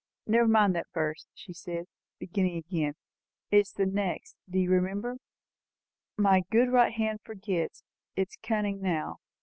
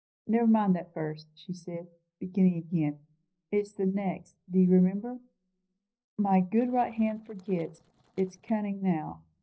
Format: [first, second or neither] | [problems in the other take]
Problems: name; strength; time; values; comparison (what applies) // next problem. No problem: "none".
first | noise reduction (neural separator model SepFormer DNS4)